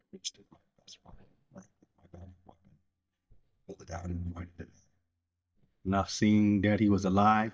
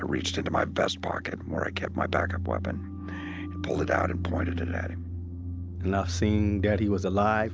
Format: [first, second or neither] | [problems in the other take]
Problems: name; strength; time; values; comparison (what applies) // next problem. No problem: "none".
second | noise reduction (neural mask model DeepFilterNet 3)